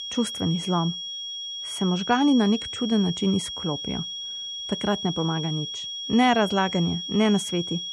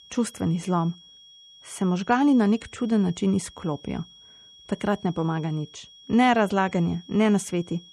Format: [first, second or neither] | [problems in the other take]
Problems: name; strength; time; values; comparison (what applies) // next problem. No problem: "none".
second | high-pitched whine; loud; throughout; 3.5 kHz, 6 dB below the speech; faint in the second